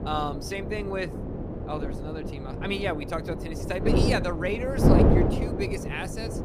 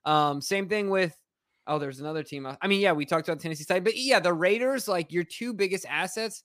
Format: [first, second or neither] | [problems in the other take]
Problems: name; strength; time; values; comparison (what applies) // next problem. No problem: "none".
second | wind noise on the microphone; heavy; as loud as the speech